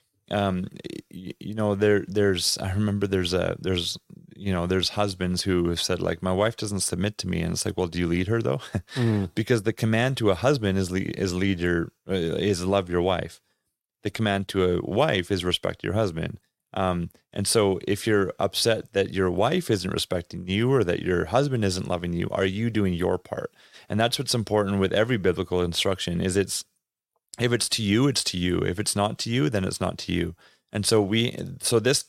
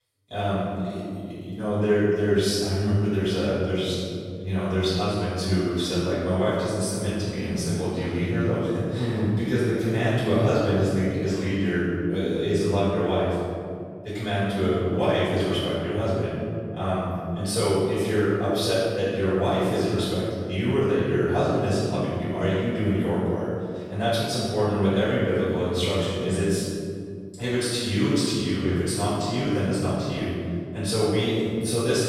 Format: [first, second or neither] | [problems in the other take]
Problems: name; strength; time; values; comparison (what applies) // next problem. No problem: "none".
first | room echo; strong; dies away in 2.3 s // off-mic speech; far